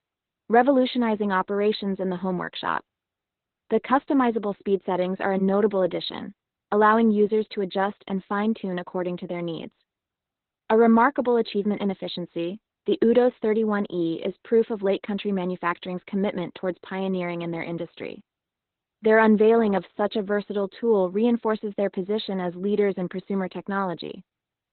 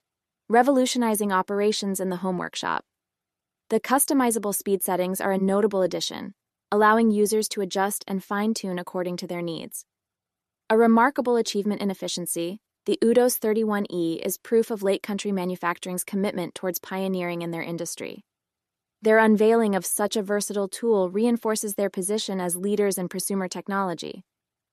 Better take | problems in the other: second | garbled, watery; badly; nothing above 4 kHz

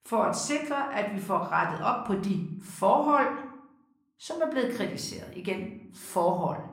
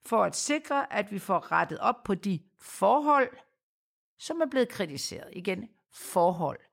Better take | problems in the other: second | room echo; slight; dies away in 0.6 s // off-mic speech; somewhat distant

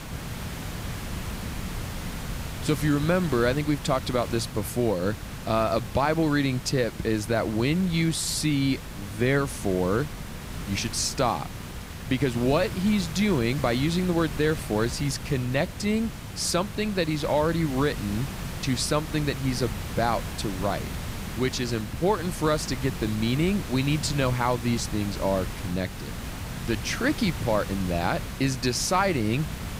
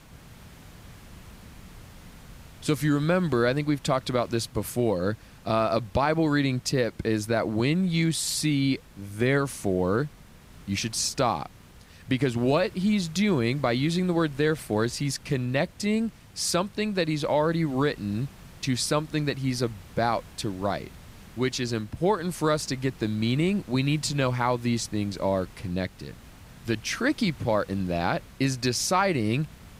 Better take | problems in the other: second | hiss; loud; throughout; 9 dB below the speech; faint in the second

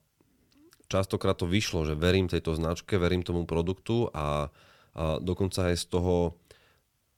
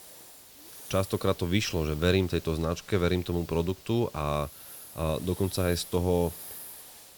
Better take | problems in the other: first | hiss; noticeable; throughout; 15 dB below the speech

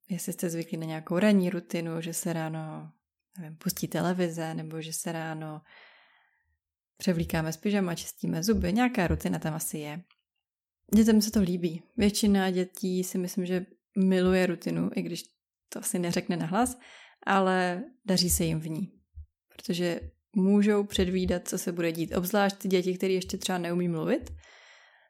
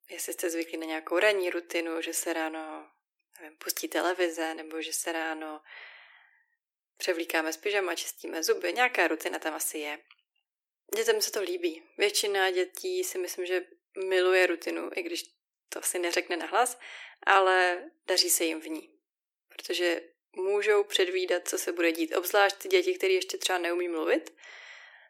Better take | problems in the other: first | thin; very; fading below 300 Hz

